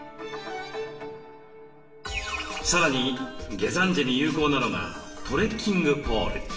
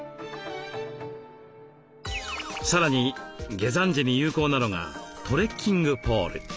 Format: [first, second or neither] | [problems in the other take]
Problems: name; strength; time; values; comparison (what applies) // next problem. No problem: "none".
second | room echo; dies away in 0.8 s